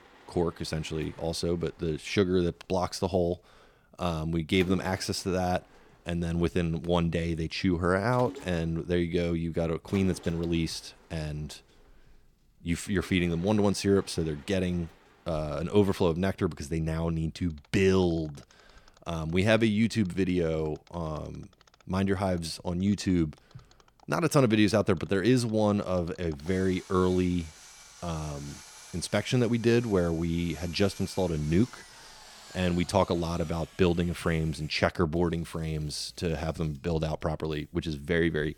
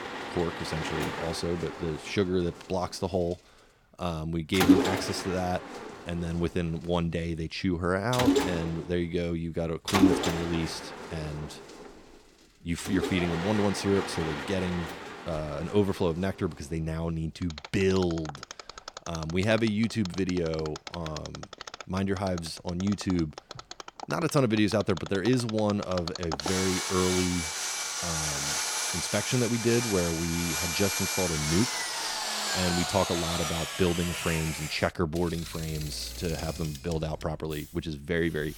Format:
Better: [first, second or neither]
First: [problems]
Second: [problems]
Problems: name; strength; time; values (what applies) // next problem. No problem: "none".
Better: first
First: machinery noise; faint; throughout; 20 dB below the speech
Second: machinery noise; loud; throughout; 2 dB below the speech